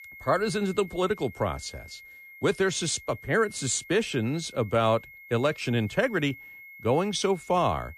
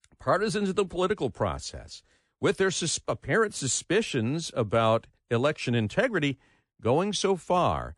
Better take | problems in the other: second | high-pitched whine; noticeable; throughout; 2 kHz, 20 dB below the speech

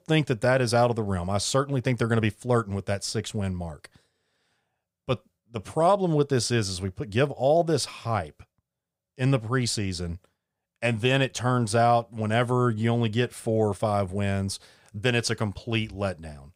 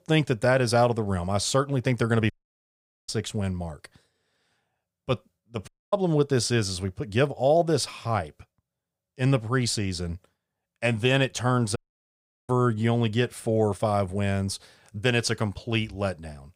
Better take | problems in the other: first | audio cutting out; at 2.5 s for 1 s, at 5.5 s and at 12 s for 0.5 s

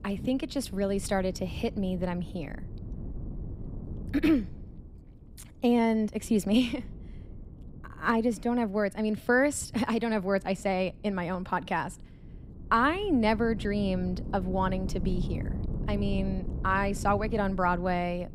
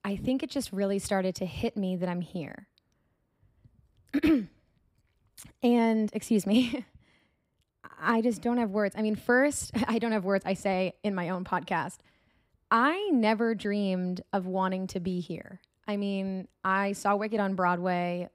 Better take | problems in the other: second | wind noise on the microphone; occasional gusts; 20 dB below the speech

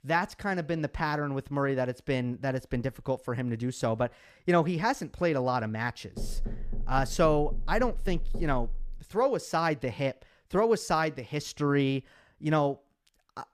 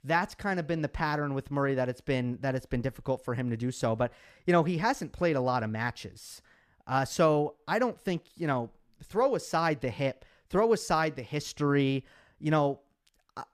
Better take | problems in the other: second | door banging; noticeable; from 6 to 9 s; peak 9 dB below the speech

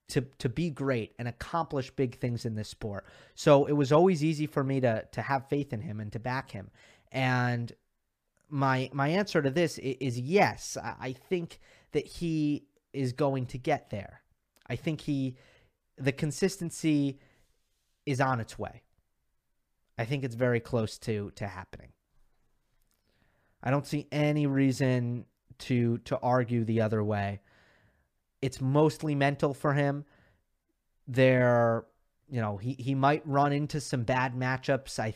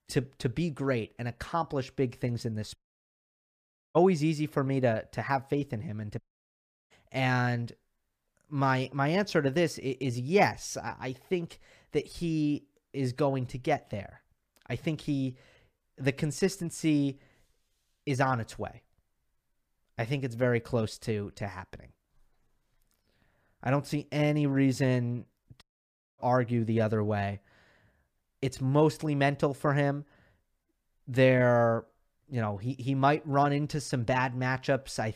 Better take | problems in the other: first | audio cutting out; at 3 s for 1 s, at 6 s for 0.5 s and at 26 s for 0.5 s

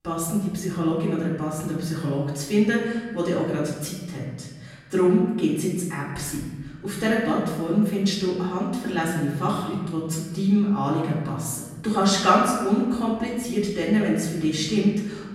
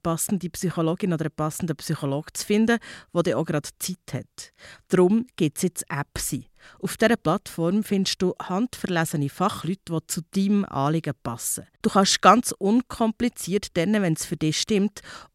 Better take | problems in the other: second | room echo; noticeable; dies away in 1.3 s // off-mic speech; far

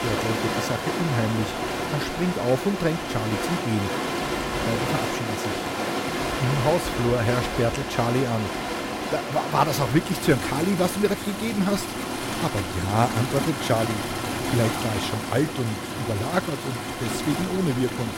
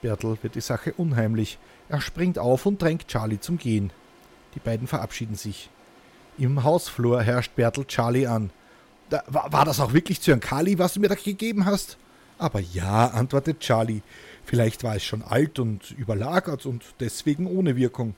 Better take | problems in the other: second | rain or running water; loud; throughout; 2 dB below the speech; faint in the second

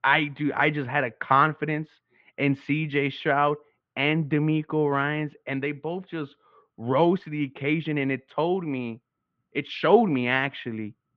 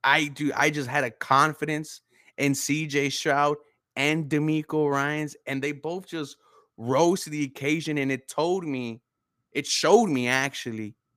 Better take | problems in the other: second | muffled; very; fading above 3 kHz

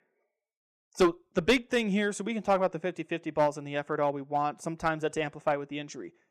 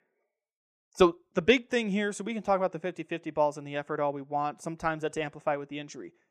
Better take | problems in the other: second | distortion; slight; 2% of the sound clipped

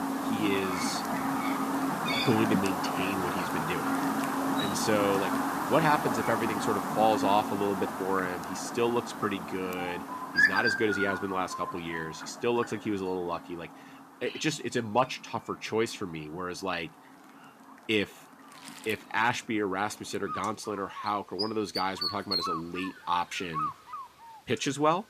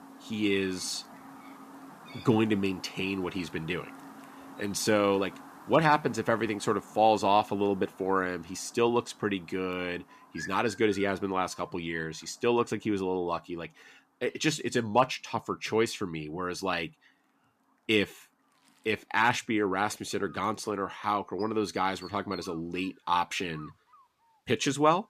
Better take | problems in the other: second | animal sounds; loud; throughout; 1 dB below the speech; faint in the second

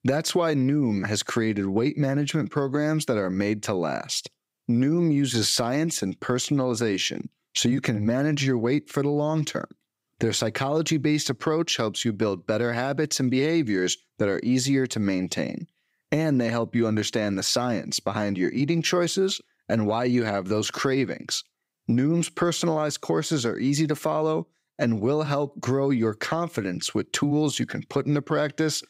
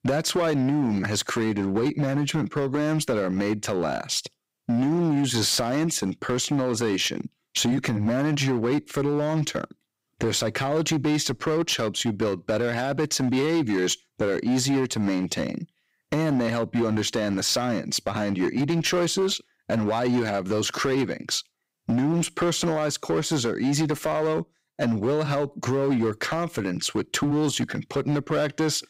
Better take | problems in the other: first | distortion; slight; 12% of the sound clipped

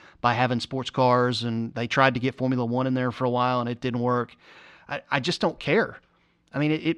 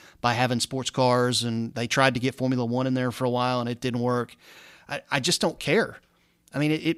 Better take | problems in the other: second | muffled; slightly; fading above 3.5 kHz

